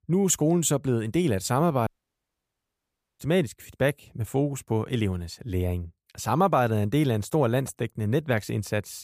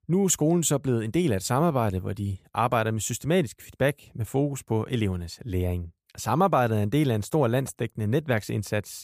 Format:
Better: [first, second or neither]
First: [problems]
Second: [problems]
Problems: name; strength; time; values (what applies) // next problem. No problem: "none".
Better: second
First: audio cutting out; at 2 s for 1.5 s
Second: none